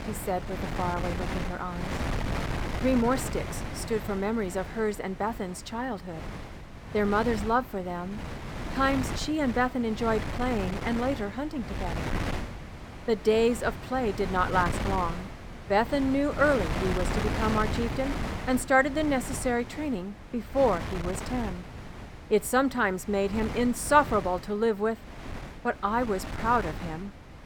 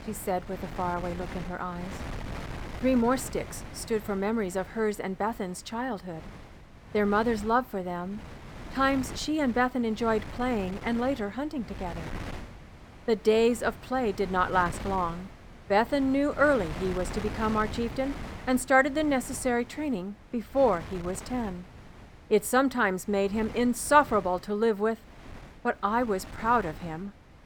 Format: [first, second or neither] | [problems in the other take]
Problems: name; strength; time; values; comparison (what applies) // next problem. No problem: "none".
second | wind noise on the microphone; heavy; 10 dB below the speech; occasional gusts in the second